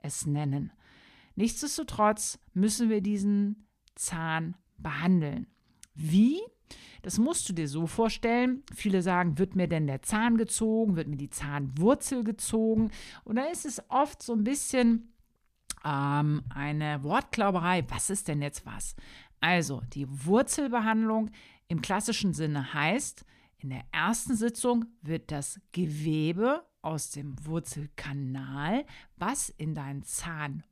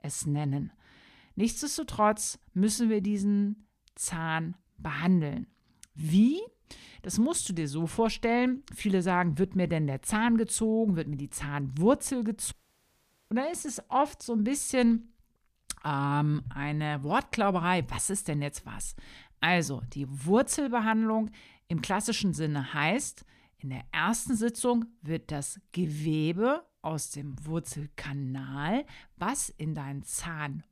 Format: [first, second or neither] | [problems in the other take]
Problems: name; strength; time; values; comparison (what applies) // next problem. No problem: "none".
first | audio cutting out; at 13 s for 1 s